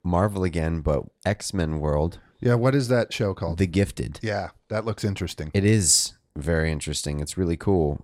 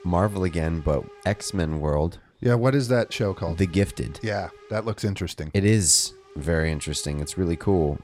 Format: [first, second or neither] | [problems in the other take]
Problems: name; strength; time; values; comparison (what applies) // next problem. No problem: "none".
first | hiss; faint; throughout; 25 dB below the speech